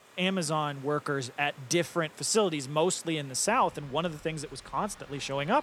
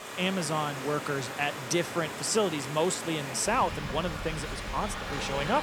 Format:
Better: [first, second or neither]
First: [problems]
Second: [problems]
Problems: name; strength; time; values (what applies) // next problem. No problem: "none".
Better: first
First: rain or running water; faint; throughout; 25 dB below the speech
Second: rain or running water; loud; throughout; 6 dB below the speech